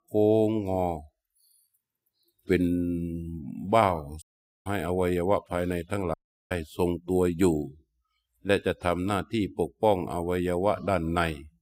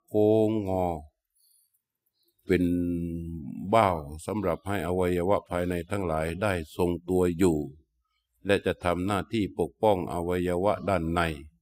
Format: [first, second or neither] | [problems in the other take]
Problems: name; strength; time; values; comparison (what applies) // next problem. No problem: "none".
second | audio cutting out; at 4 s and at 6 s